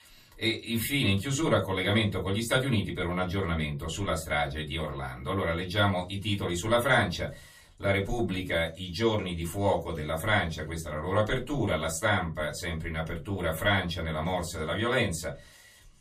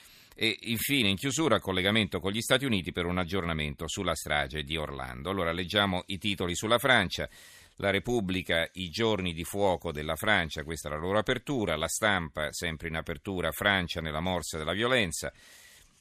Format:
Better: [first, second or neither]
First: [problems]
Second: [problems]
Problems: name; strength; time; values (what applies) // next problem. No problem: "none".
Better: second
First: off-mic speech; far // room echo; very slight; dies away in 0.2 s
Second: none